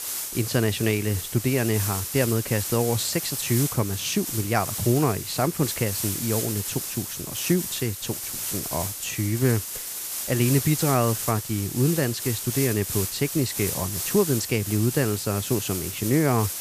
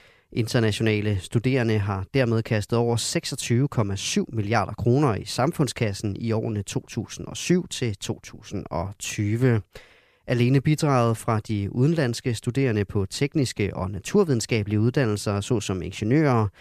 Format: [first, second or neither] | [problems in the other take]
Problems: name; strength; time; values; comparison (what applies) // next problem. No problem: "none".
second | hiss; loud; throughout; 4 dB below the speech